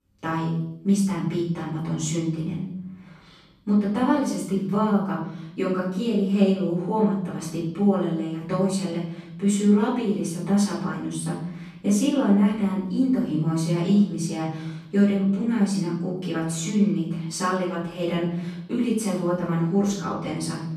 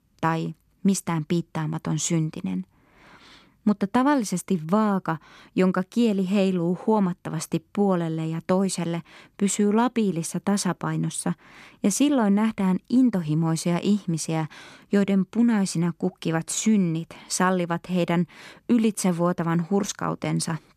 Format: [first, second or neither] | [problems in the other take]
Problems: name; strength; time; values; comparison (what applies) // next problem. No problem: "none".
second | off-mic speech; far // room echo; noticeable; dies away in 0.9 s